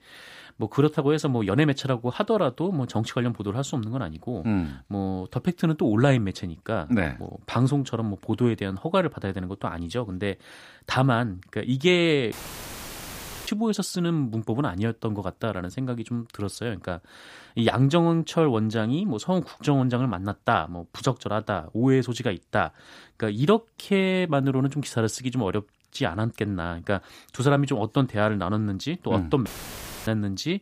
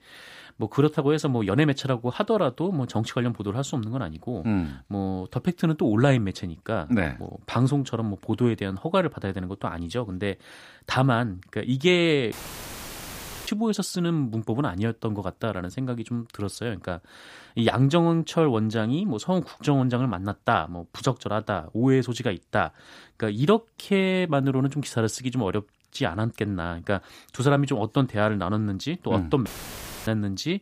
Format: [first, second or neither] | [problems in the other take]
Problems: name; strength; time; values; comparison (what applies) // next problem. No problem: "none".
neither | audio cutting out; filled with static; at 12 s for 1 s and at 29 s for 0.5 s; the same in both